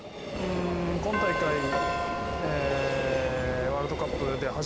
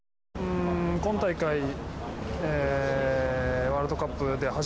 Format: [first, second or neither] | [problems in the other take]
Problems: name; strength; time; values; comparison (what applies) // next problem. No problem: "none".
second | background sound (Doorbell + Train); 2 dB below the speech